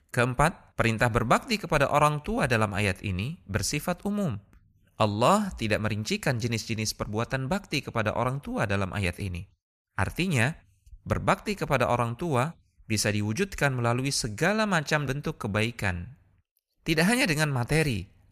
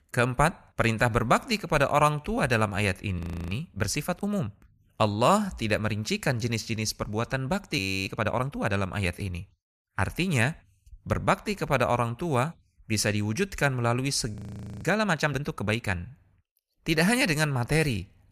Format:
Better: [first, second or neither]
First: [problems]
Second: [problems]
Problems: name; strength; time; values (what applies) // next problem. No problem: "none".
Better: first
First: none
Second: audio freezing; at 3 s, at 8 s and at 14 s